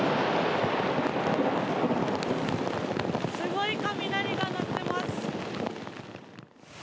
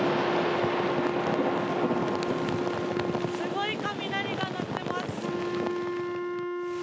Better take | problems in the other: first | background sound (Wind instrument, woodwind instrument); 3 dB below the speech

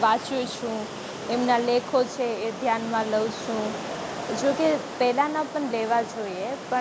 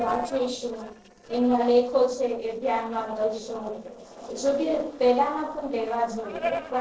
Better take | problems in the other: first | noise reduction (neural separator model SepFormer DNS4)

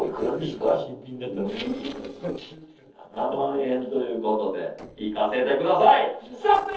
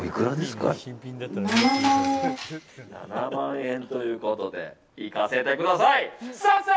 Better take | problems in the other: second | noise reduction (neural separator model SepFormer DNS4)

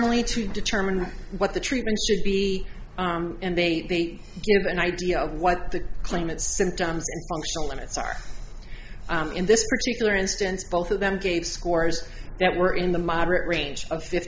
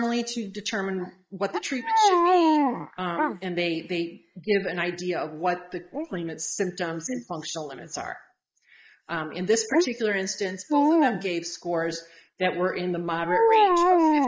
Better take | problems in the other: first | noise reduction (neural mask model Resemble Enhance denoiser)

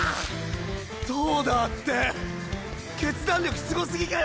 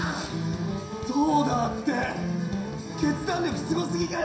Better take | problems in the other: first | background sound (Wind instrument, woodwind instrument); 19 dB below the speech // room echo; dies away in 0.7 s

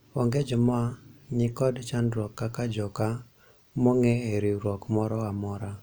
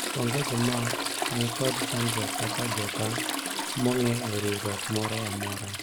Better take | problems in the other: first | background sound (Trickle, dribble / Toilet flush); 1 dB below the speech

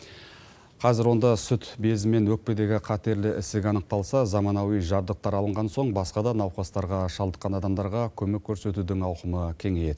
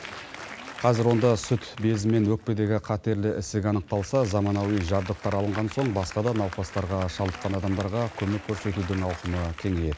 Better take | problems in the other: first | background sound (Applause); 16 dB below the speech

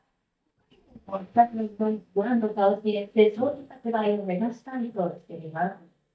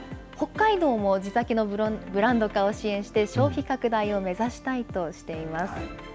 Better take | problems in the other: second | noise reduction (neural mask model DeepFilterNet 3)

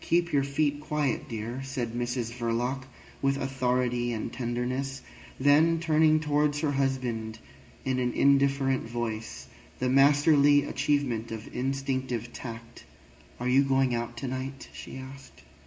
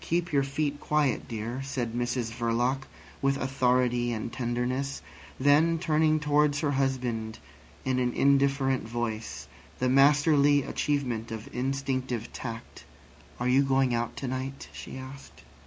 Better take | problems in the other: second | room echo; dies away in 1.9 s

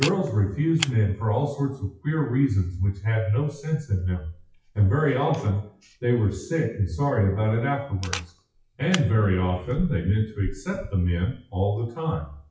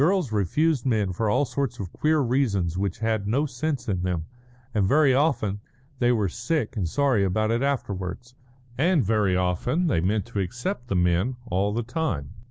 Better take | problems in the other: second | noise reduction (classical method WPE with log-MMSE)

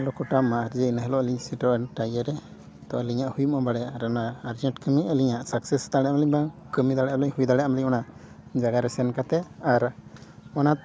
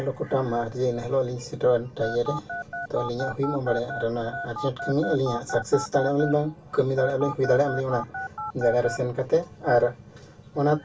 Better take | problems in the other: first | background sound (Telephone); 9 dB below the speech // room echo; dies away in 0.1 s

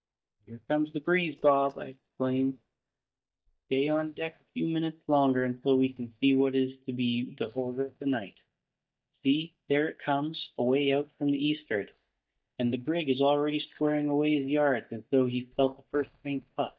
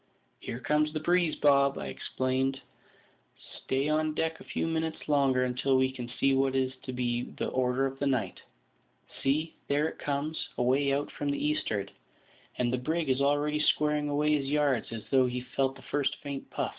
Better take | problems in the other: second | noise reduction (neural mask model DeepFilterNet 3)

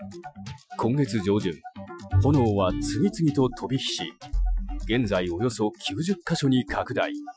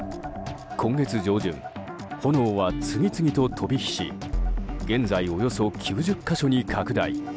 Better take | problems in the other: second | noise reduction (classical method Wiener filter)

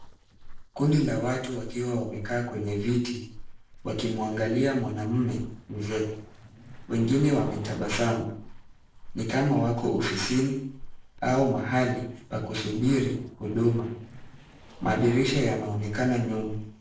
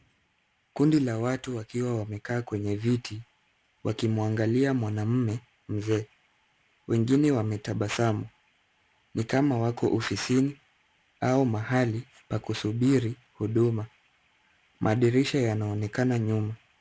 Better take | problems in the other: second | noise reduction (neural separator model SepFormer DNS4)

